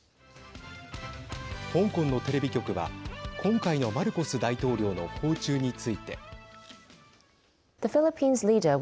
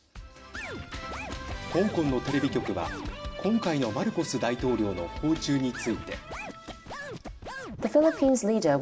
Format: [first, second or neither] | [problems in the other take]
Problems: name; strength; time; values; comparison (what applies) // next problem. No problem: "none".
first | background sound (Scratching (performance technique)); 12 dB below the speech // room echo; dies away in 1.5 s